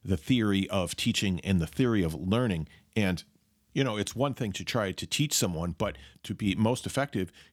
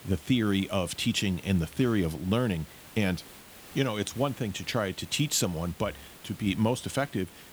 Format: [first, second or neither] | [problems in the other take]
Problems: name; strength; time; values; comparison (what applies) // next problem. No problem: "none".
first | hiss; noticeable; throughout; 20 dB below the speech